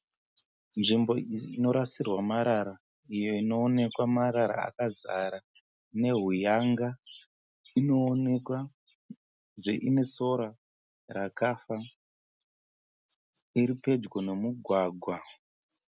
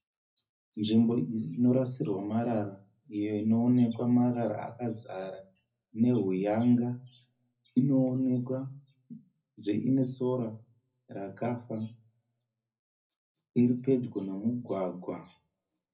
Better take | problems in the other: first | room echo; dies away in 0.4 s

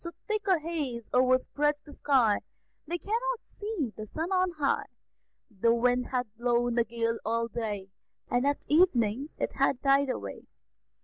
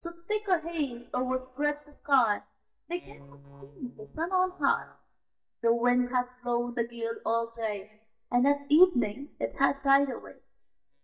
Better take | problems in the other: first | noise reduction (neural mask model DeepFilterNet 3)

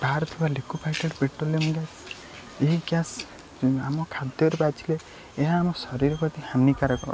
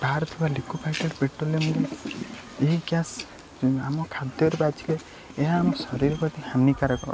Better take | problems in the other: first | background sound (Toilet flush); 11 dB below the speech

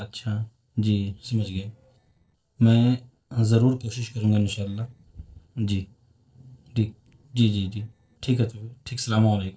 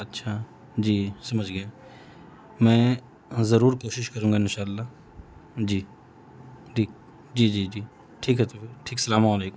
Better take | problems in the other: second | noise reduction (neural separator model SepFormer DNS4)

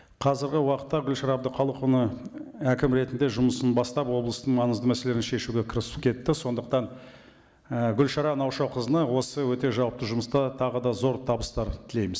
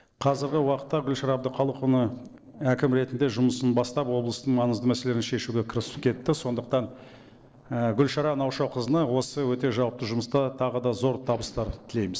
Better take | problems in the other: first | noise reduction (neural separator model SepFormer DNS4)

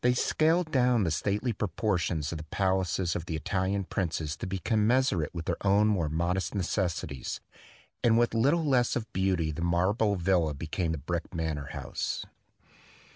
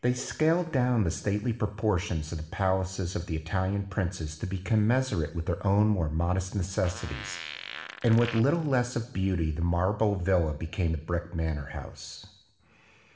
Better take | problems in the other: first | background sound (Fart); 15 dB below the speech // room echo; dies away in 0.7 s

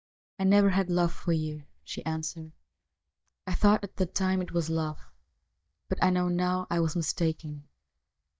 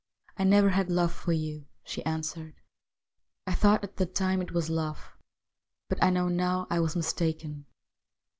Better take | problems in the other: second | noise reduction (neural mask model DeepFilterNet 3)

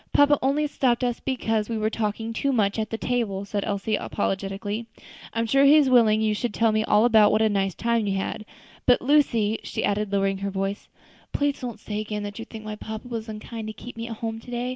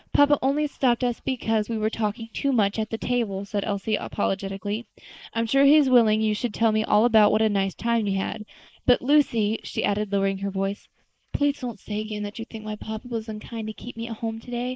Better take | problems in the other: first | noise reduction (neural mask model Resemble Enhance denoiser)

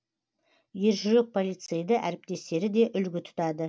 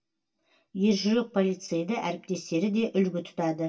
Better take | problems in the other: first | room echo; dies away in 0.2 s

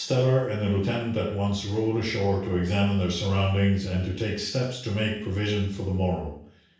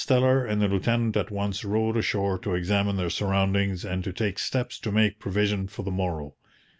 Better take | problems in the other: second | room echo; dies away in 0.7 s

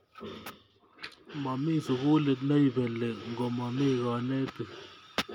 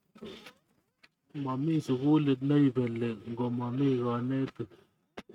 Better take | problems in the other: first | noise reduction (neural mask model RNNoise)

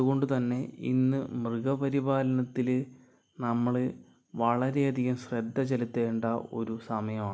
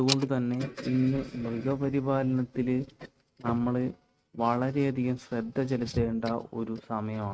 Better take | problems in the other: first | noise reduction (neural mask model RNNoise)

